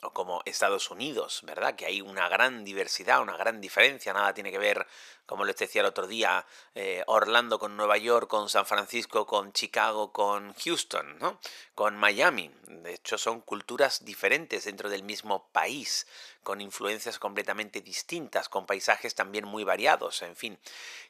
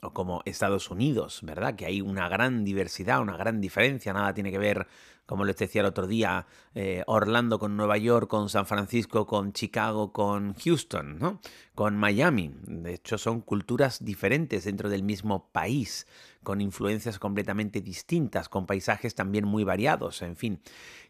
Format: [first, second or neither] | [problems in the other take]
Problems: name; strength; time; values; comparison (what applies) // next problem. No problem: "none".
second | thin; very; fading below 600 Hz